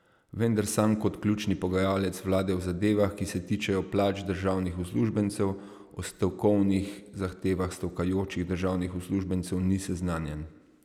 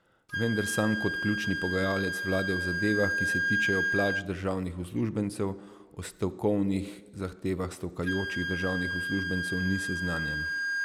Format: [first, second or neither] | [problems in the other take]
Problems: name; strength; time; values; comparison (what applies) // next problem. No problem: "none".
first | background sound (Wind instrument, woodwind instrument); 2 dB below the speech